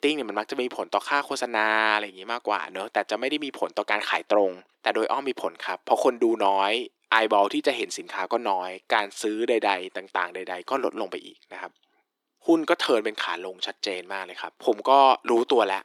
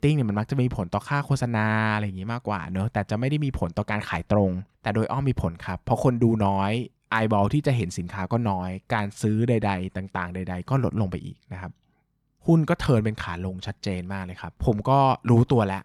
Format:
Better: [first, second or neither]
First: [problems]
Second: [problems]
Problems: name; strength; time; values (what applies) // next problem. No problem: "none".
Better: second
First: thin; very; fading below 300 Hz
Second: none